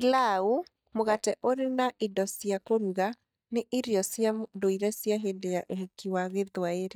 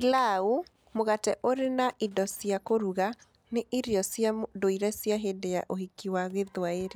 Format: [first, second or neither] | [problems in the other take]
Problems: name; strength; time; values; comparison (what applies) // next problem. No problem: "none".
second | noise reduction (neural mask model DeepFilterNet 3)